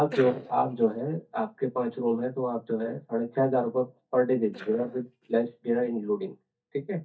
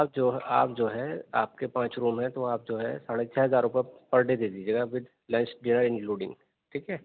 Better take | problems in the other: second | noise reduction (neural mask model DeepFilterNet 3)

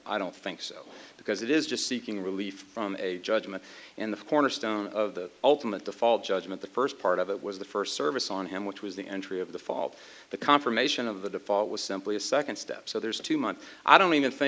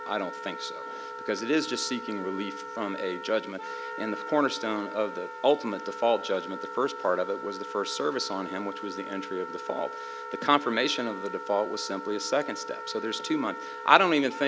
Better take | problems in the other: first | background sound (Wind instrument, woodwind instrument); 9 dB below the speech

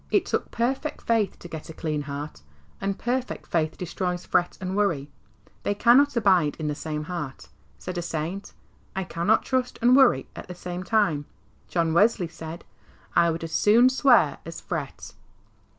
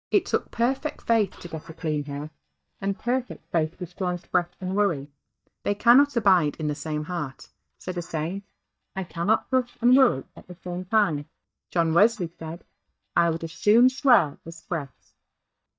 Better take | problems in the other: first | noise reduction (neural mask model DeepFilterNet 3)

